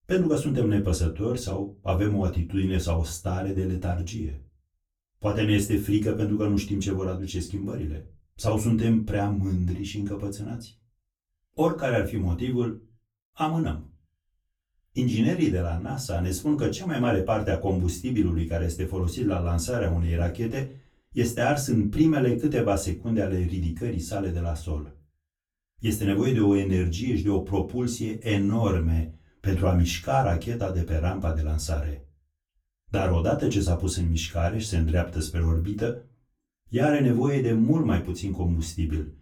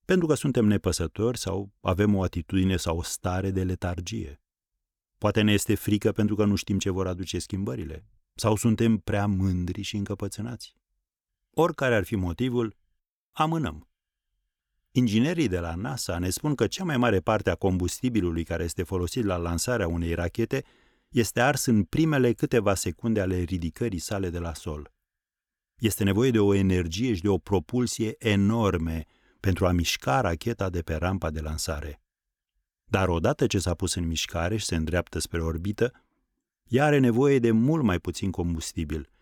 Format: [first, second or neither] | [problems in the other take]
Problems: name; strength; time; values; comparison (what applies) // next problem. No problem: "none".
second | off-mic speech; far // room echo; very slight; dies away in 0.2 s